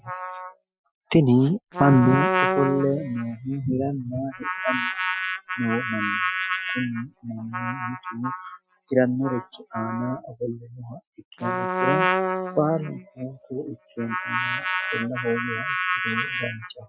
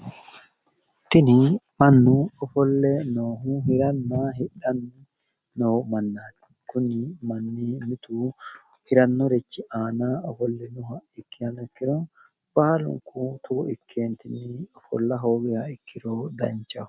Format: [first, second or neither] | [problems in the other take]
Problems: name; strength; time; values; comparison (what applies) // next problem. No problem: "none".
second | noise reduction (classical method Wiener filter)